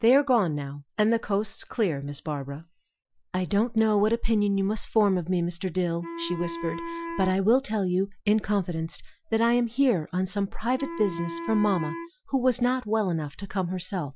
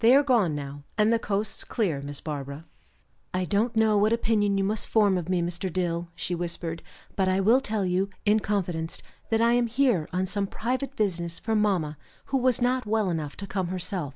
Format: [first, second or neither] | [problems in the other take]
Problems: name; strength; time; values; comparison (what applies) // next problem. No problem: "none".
second | noise reduction (classical method Wiener filter)